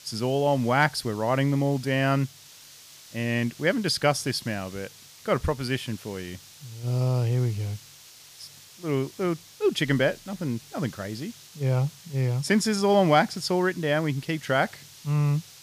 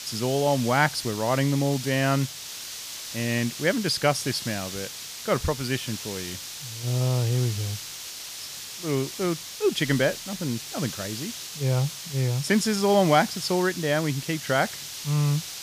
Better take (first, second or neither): first